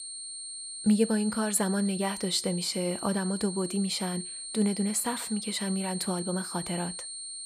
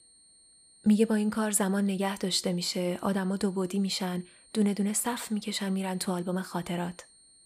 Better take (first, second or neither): second